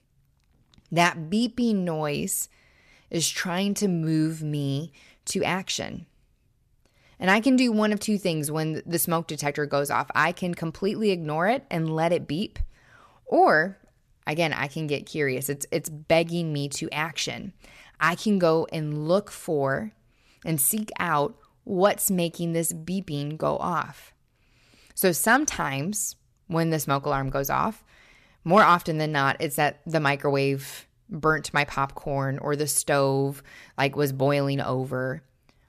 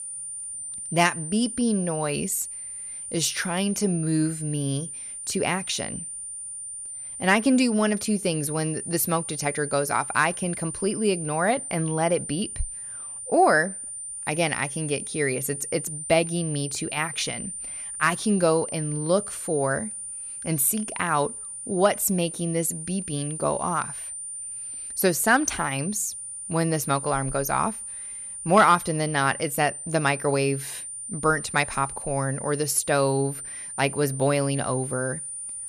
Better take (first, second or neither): first